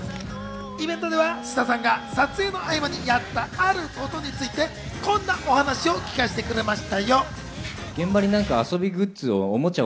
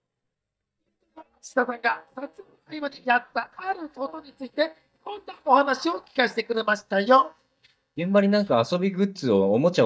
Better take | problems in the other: first | noise reduction (neural mask model DeepFilterNet 3)

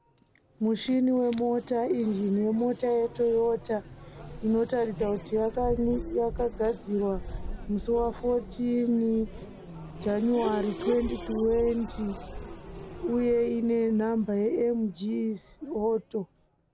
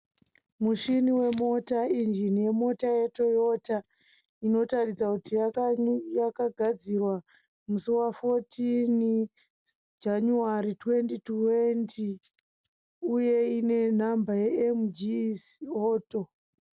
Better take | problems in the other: second | background sound (Race car, auto racing / Accelerating, revving, vroom); 12 dB below the speech

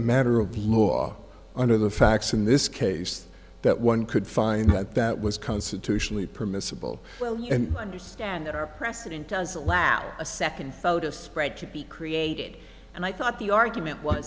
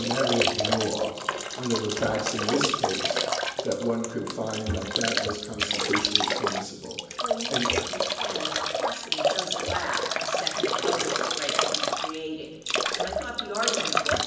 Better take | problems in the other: first | background sound (Drip / Trickle, dribble / Bathtub (filling or washing)); 4 dB above the speech // room echo; dies away in 1 s

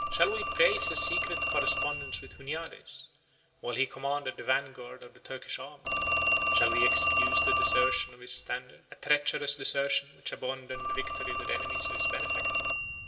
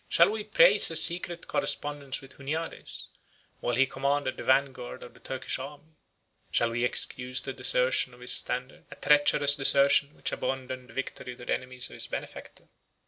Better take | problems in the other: second | background sound (Telephone); 2 dB above the speech // room echo; dies away in 2.3 s

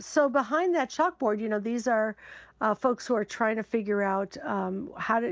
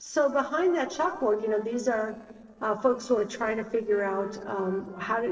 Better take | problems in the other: first | noise reduction (neural separator model SepFormer DNS4)

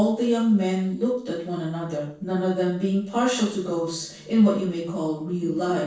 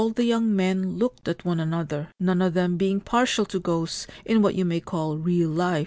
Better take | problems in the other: second | noise reduction (neural separator model SepFormer DNS4)

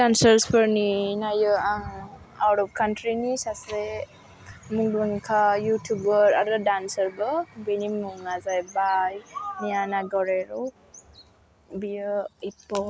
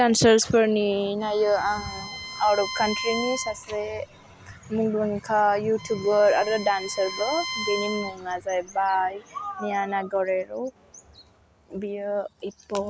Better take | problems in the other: first | background sound (Bowed string instrument); 11 dB below the speech

